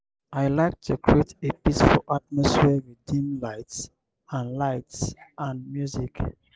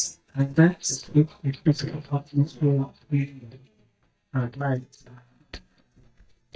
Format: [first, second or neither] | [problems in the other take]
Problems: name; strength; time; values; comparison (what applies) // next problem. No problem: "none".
first | noise reduction (neural mask model DeepFilterNet 3)